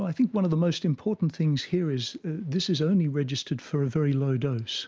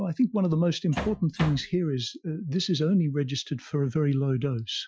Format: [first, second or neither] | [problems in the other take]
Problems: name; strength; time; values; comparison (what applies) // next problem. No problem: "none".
first | noise reduction (classical method Wiener filter)